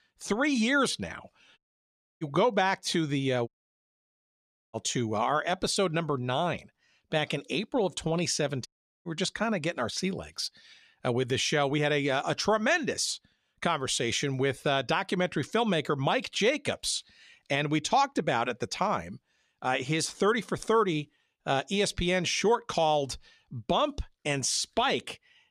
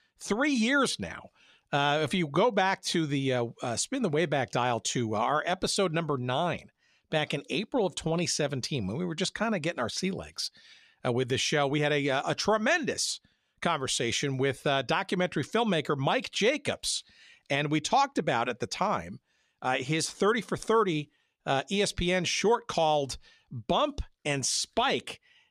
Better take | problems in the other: second | audio cutting out; at 1.5 s for 0.5 s, at 3.5 s for 1.5 s and at 8.5 s

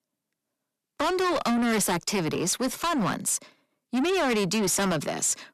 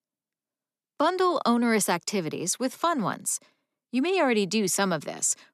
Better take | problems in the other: second | distortion; heavy; 7 dB below the speech

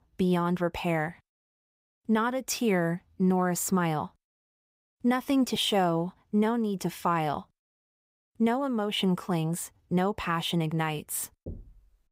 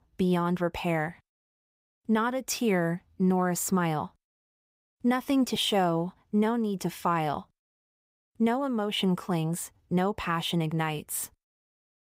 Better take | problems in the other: second | door banging; faint; at 11 s; peak 15 dB below the speech

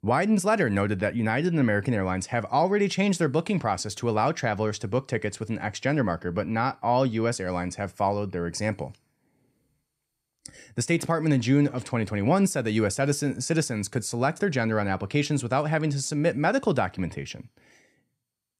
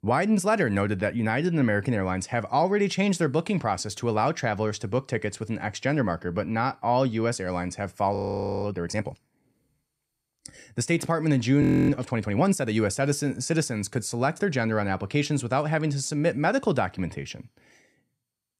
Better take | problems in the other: first | audio freezing; at 8 s and at 12 s

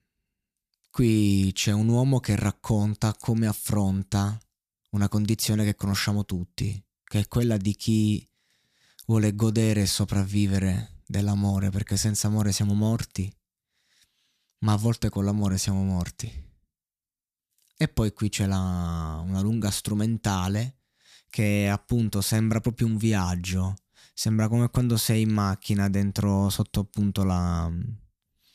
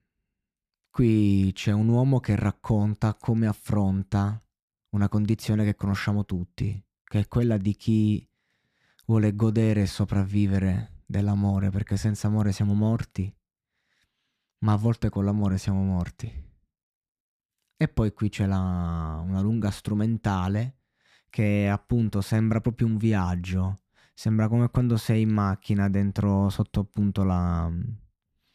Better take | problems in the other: first | muffled; slightly; fading above 3.5 kHz

